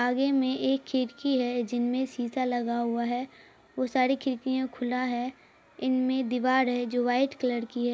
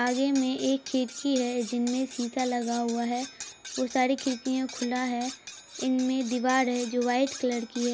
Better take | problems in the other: first | background sound (Cutlery, silverware); 14 dB below the speech

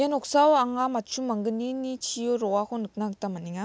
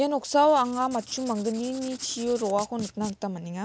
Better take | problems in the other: first | background sound (Writing); 17 dB below the speech

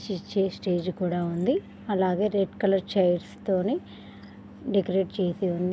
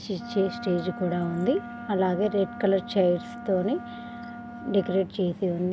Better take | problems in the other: first | background sound (Wind instrument, woodwind instrument); 13 dB below the speech

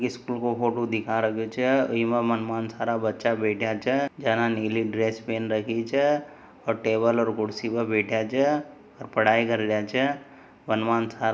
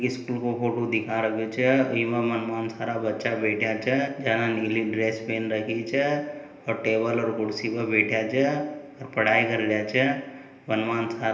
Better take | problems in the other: first | room echo; dies away in 1.4 s

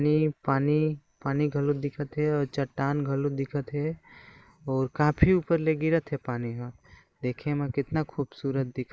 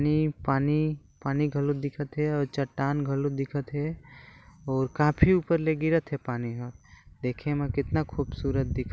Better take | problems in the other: second | noise reduction (neural mask model Resemble Enhance denoiser)

